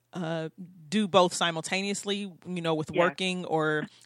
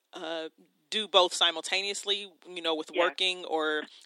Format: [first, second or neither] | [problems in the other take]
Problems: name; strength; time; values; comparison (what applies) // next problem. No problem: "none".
first | thin; very; fading below 300 Hz